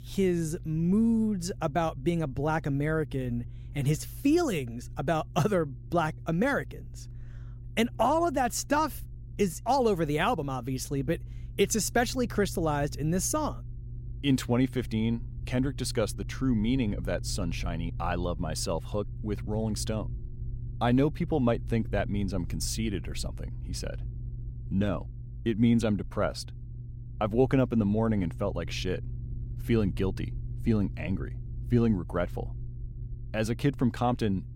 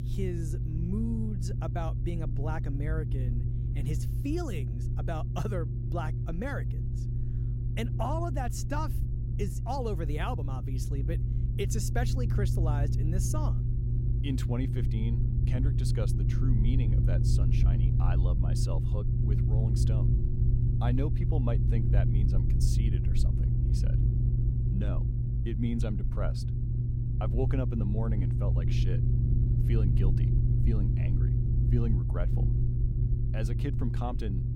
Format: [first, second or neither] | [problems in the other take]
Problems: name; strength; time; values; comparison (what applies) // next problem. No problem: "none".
first | low rumble; loud; throughout; 2 dB below the speech; faint in the first